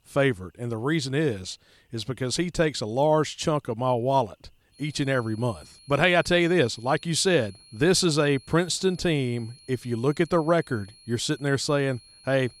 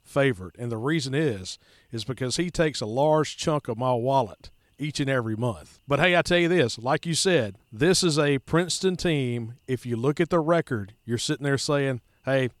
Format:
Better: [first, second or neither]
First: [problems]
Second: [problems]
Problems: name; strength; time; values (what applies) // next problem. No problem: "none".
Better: second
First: high-pitched whine; faint; from 5 s on; 4.5 kHz, 25 dB below the speech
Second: none